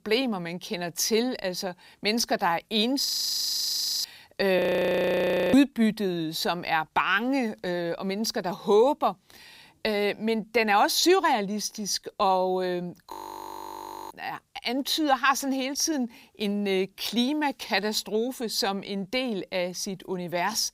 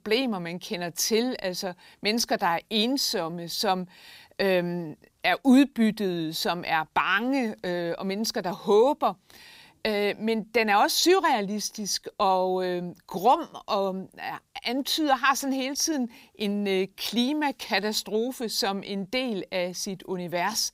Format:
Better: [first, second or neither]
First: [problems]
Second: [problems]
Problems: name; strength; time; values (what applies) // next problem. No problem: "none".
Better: second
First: audio freezing; at 3 s for 1 s, at 4.5 s for 1 s and at 13 s for 1 s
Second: none